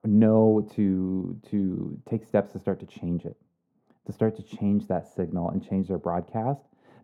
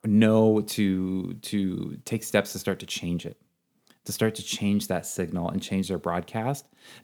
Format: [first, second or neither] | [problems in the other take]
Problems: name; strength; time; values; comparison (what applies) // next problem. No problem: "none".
second | muffled; very; fading above 2 kHz